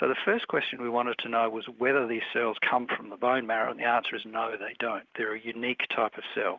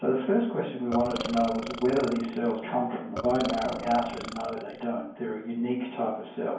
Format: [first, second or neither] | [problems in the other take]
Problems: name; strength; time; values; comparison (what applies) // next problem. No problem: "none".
first | background sound (Burping, eructation); 11 dB below the speech // room echo; dies away in 0.9 s